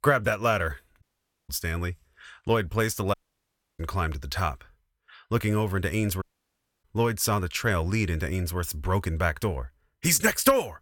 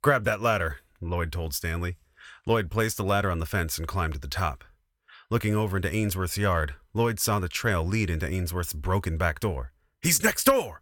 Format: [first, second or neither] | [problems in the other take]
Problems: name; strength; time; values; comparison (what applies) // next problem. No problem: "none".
second | audio cutting out; at 1 s, at 3 s for 0.5 s and at 6 s for 0.5 s